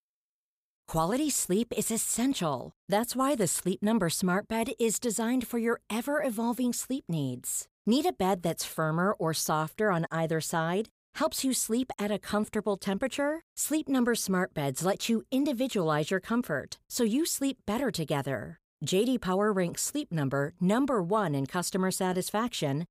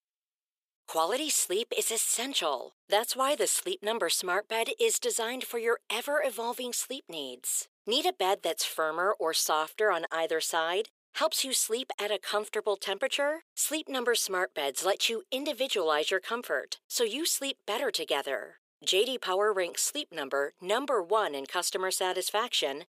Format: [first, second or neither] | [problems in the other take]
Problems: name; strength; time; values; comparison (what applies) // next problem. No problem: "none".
first | thin; very; fading below 400 Hz